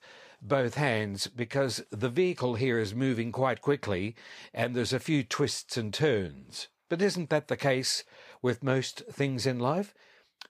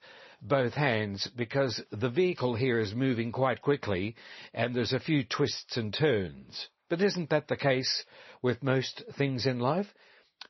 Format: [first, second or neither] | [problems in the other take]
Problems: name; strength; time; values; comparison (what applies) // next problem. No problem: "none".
first | garbled, watery; slightly; nothing above 6 kHz